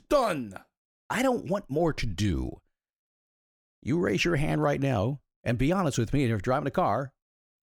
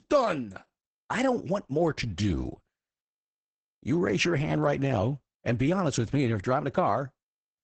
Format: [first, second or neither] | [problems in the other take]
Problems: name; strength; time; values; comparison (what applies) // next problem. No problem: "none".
first | garbled, watery; badly; nothing above 8 kHz